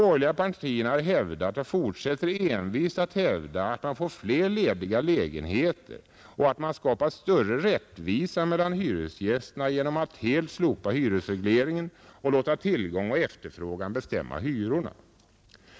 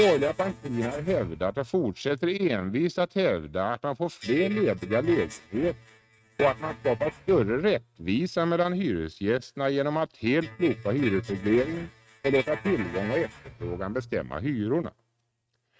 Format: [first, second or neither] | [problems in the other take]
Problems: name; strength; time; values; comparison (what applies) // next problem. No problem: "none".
first | noise reduction (neural mask model RNNoise)